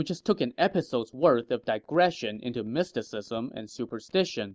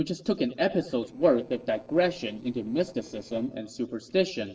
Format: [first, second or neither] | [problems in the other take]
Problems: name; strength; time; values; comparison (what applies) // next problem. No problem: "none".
first | noise reduction (neural separator model SepFormer DNS4)